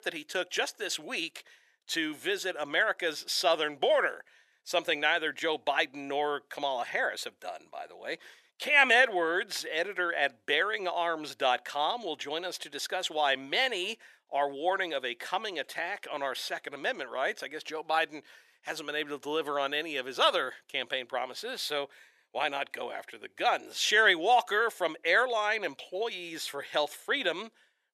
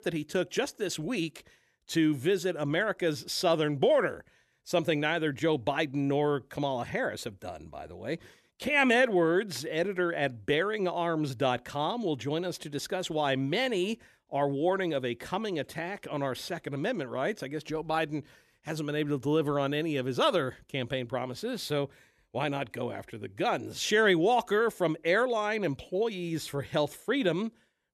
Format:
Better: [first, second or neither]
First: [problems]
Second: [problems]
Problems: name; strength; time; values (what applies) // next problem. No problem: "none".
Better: second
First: thin; very; fading below 550 Hz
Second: none